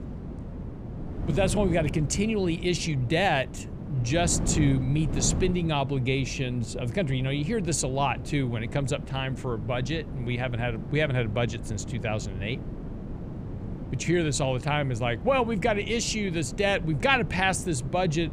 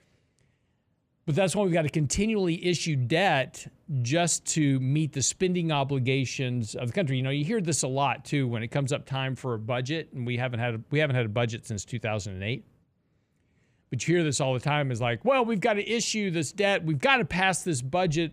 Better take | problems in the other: second | wind noise on the microphone; occasional gusts; 15 dB below the speech

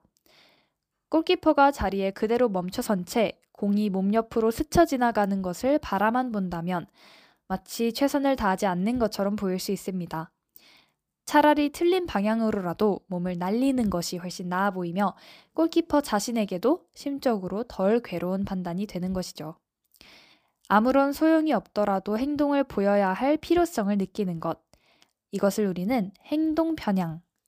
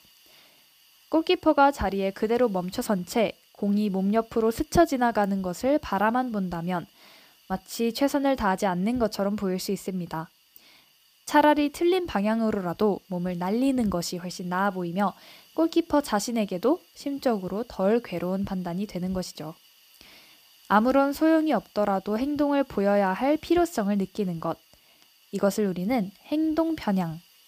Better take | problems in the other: first | hiss; faint; throughout; 30 dB below the speech

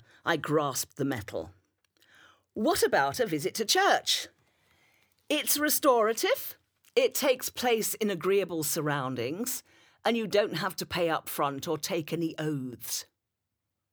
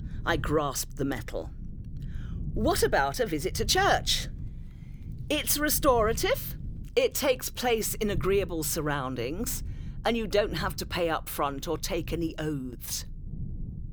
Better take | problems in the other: first | low rumble; faint; throughout; 25 dB below the speech

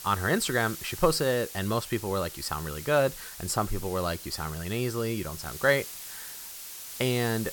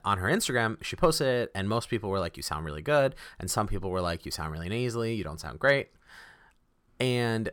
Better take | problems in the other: second | hiss; noticeable; throughout; 10 dB below the speech

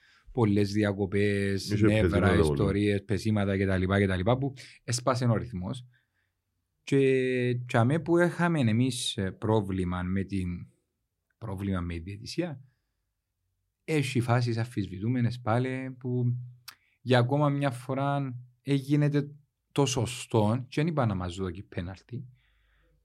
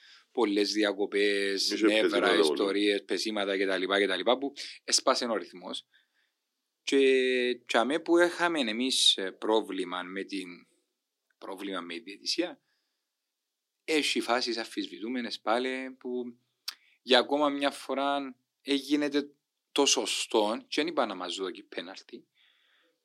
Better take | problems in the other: first | thin; somewhat; fading below 250 Hz

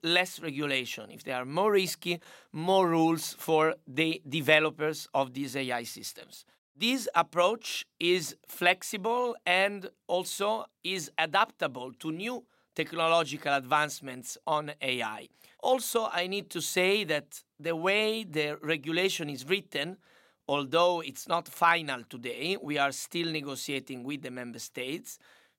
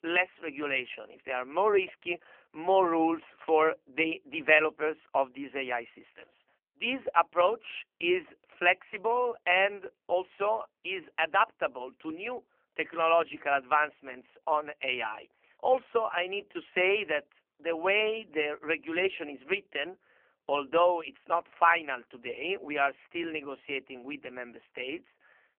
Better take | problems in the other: first | phone-call audio; poor line; nothing above 3 kHz

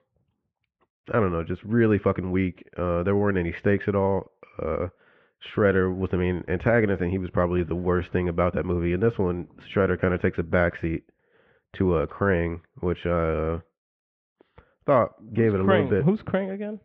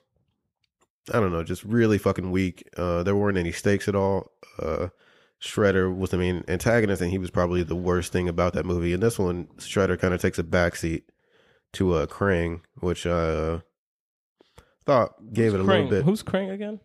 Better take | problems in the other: second | muffled; very; fading above 2.5 kHz

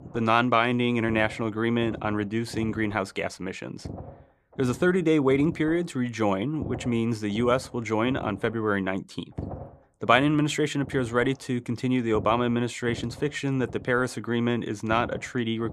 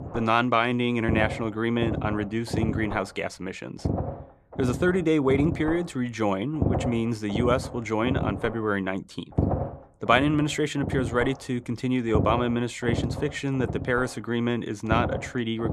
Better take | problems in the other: first | low rumble; loud; throughout; 9 dB below the speech; faint in the first

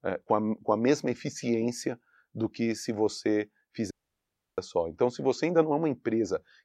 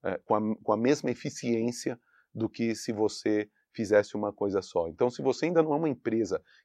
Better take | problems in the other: second | audio cutting out; at 4 s for 0.5 s

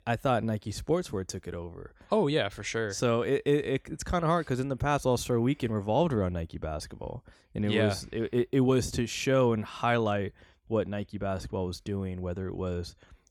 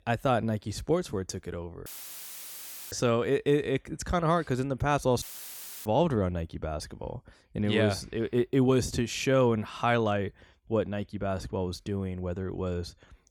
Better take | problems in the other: first | audio cutting out; filled with static; at 2 s for 1 s and at 5 s for 0.5 s

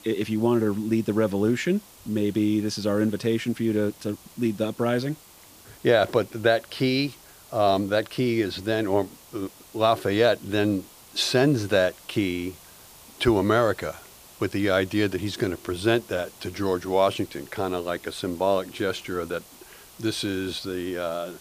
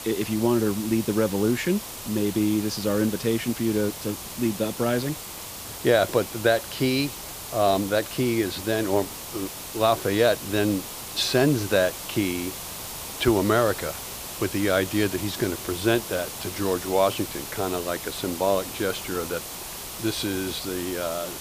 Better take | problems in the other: first | hiss; loud; throughout; 9 dB below the speech; faint in the first

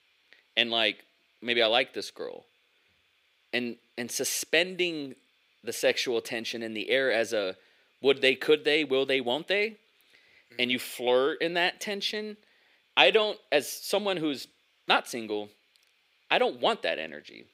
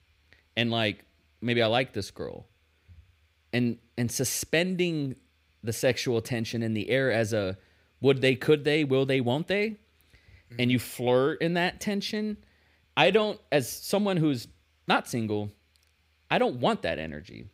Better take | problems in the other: second | thin; somewhat; fading below 400 Hz

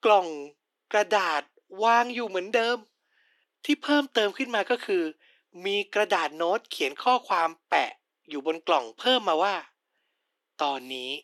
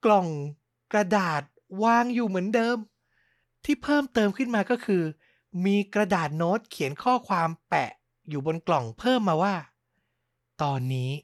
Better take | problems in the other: second | thin; somewhat; fading below 300 Hz

